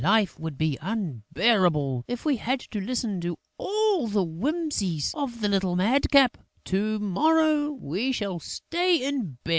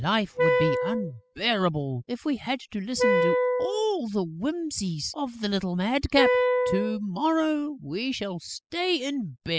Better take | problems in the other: first | noise reduction (classical method spectral subtraction)

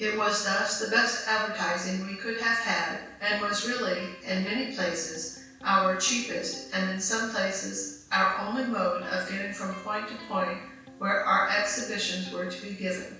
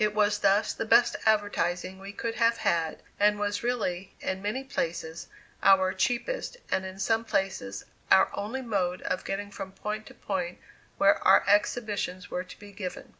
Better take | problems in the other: second | background sound (Electric guitar); 19 dB below the speech // room echo; dies away in 0.6 s

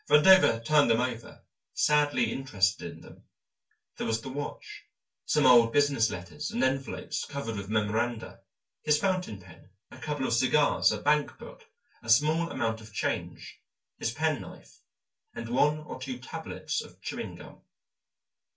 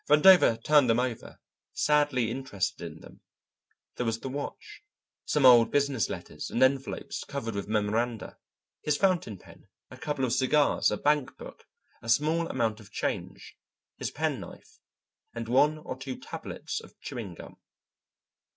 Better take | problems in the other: second | room echo; dies away in 0.2 s

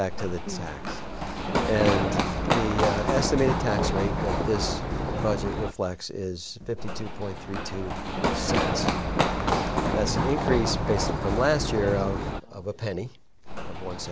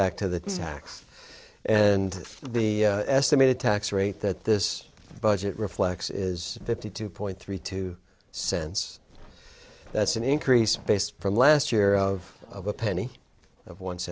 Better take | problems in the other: second | background sound (Run); 2 dB above the speech

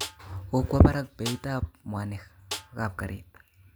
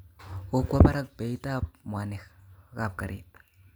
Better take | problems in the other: second | background sound (Snare drum); 15 dB below the speech

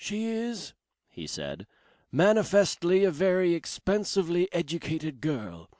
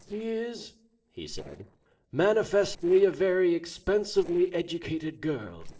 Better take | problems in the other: first | noise reduction (neural separator model SepFormer DNS4)

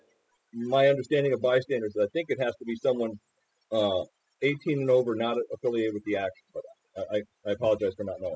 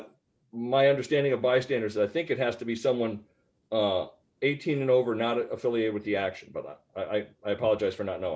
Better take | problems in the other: second | noise reduction (classical method spectral subtraction)

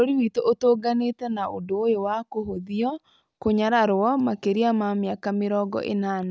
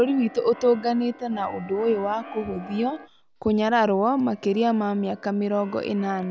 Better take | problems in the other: first | background sound (Keyboard (musical)); 20 dB below the speech

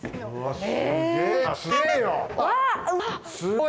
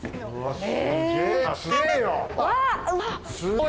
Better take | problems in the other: first | background sound (Bird vocalization, bird call, bird song); 18 dB below the speech

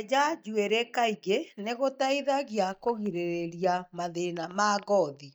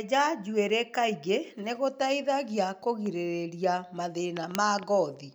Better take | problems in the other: second | noise reduction (neural mask model DeepFilterNet 3)

